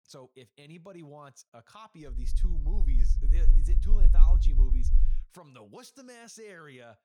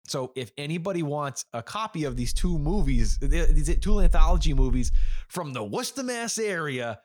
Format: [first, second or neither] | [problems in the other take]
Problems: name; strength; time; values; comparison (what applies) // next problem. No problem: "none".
second | low rumble; loud; from 2 to 5 s; 4 dB below the speech; faint in the second